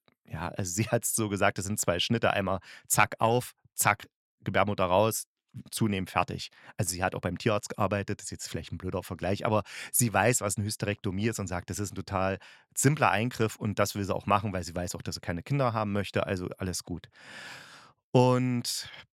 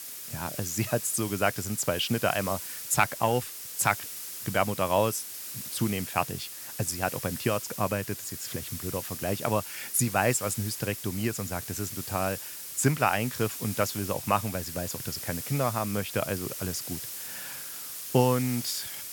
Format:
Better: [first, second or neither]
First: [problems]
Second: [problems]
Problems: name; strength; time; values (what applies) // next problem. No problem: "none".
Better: first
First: none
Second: hiss; loud; throughout; 7 dB below the speech